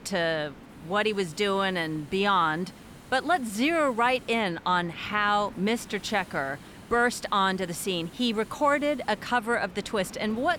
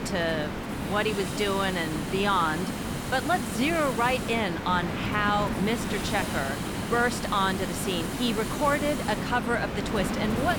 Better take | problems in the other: first | hiss; loud; throughout; 4 dB below the speech; faint in the first

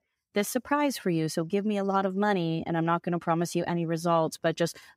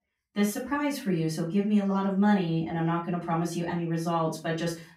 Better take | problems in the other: first | room echo; slight; dies away in 0.3 s // off-mic speech; far

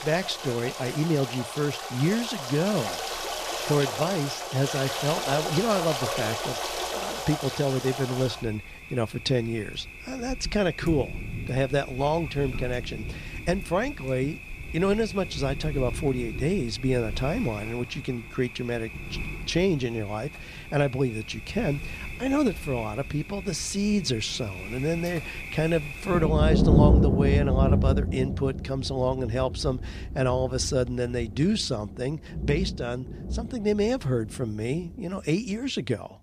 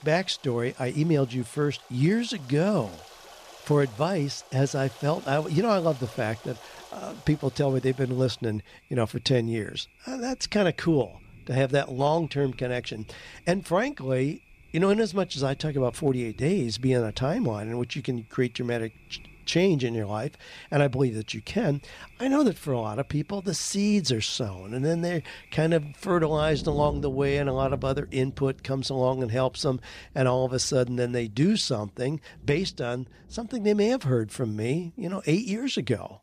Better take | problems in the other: second | rain or running water; loud; throughout; 3 dB below the speech; faint in the second

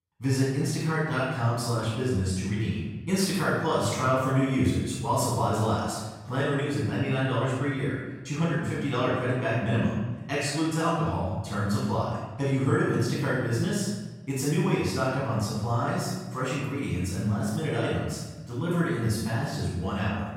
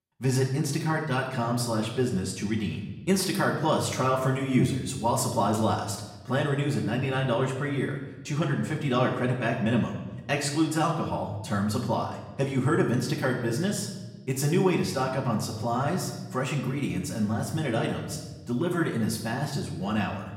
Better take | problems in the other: second | room echo; strong; dies away in 1.2 s; slight in the second // off-mic speech; far; far in the second

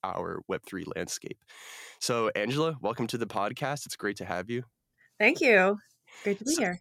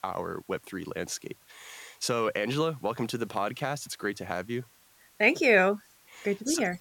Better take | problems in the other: first | hiss; faint; throughout; 30 dB below the speech

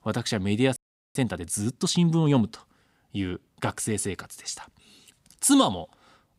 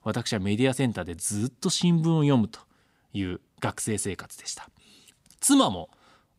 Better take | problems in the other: second | audio freezing; at 1 s

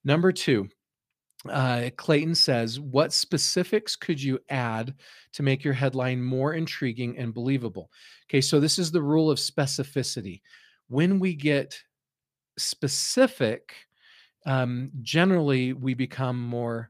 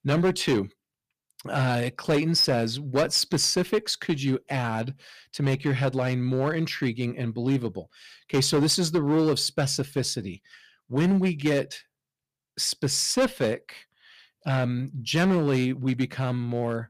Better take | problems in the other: first | distortion; slight; 5% of the sound clipped

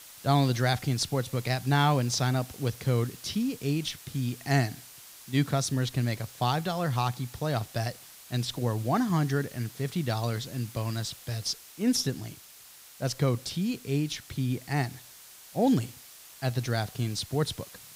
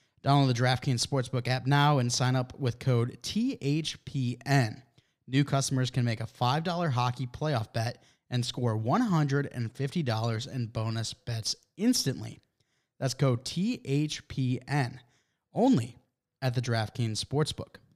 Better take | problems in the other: second | hiss; noticeable; throughout; 15 dB below the speech

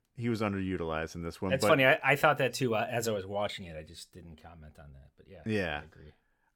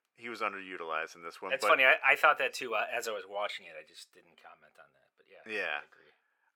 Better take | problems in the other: first | thin; very; fading below 550 Hz

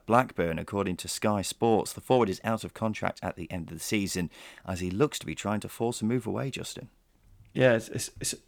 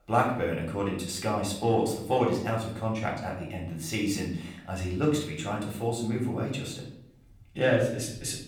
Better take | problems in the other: first | room echo; noticeable; dies away in 0.6 s // off-mic speech; far

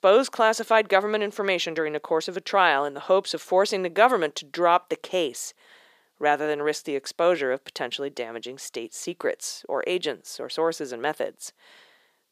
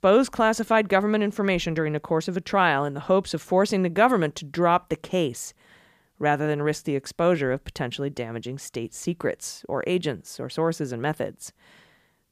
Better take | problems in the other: second | thin; somewhat; fading below 450 Hz

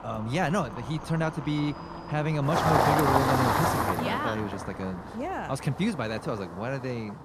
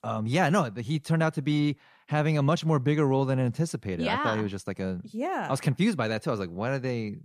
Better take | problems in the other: second | traffic noise; very loud; throughout; 2 dB above the speech

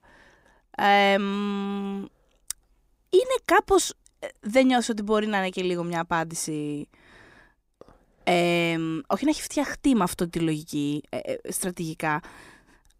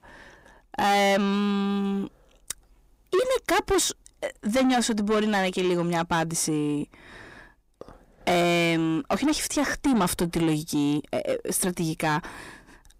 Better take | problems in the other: first | distortion; heavy; 7 dB below the speech

